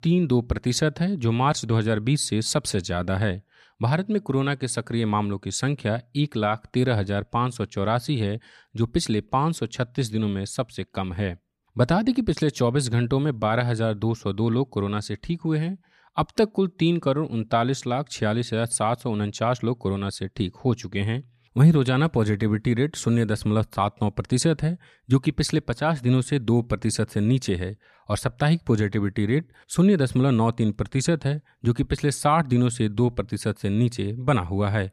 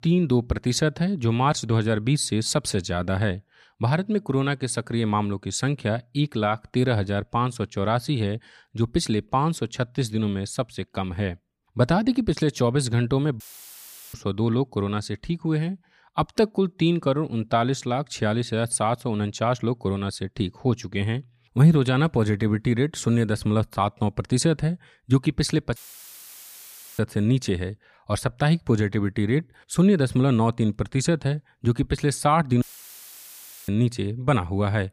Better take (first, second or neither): first